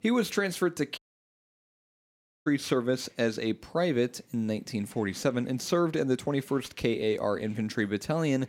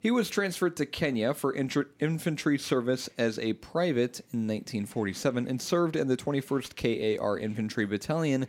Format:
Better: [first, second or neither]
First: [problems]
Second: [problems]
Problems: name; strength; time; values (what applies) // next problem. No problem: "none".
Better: second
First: audio cutting out; at 1 s for 1.5 s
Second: none